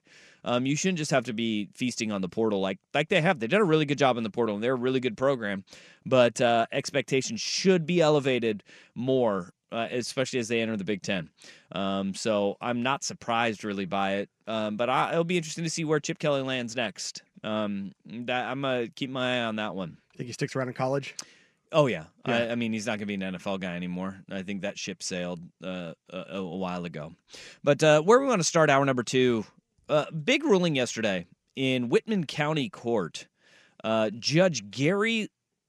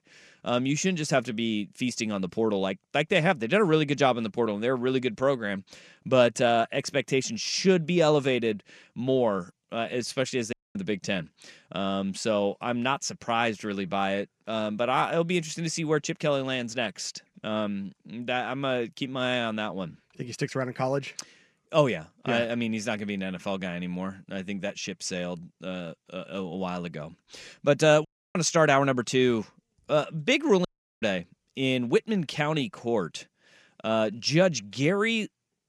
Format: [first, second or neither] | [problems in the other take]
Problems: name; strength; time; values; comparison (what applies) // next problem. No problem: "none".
first | audio cutting out; at 11 s, at 28 s and at 31 s